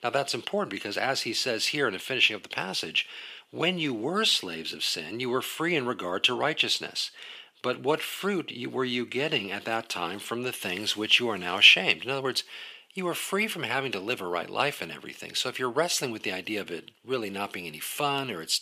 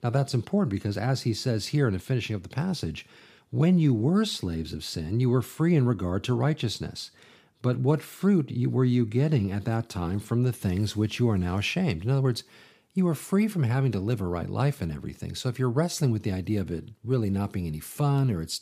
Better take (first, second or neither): second